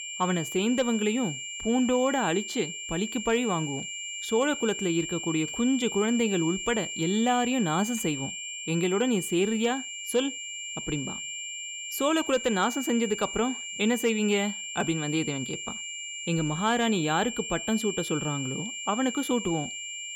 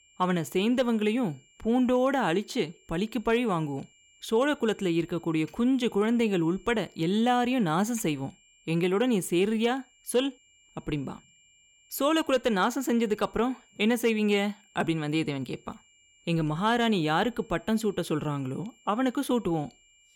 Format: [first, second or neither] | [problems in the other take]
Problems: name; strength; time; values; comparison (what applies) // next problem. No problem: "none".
second | high-pitched whine; loud; throughout; 2.5 kHz, 6 dB below the speech; faint in the second